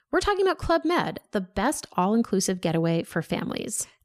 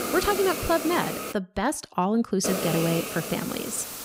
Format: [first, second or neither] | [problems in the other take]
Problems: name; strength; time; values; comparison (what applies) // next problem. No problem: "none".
first | hiss; loud; until 1.5 s and from 2.5 s on; 4 dB below the speech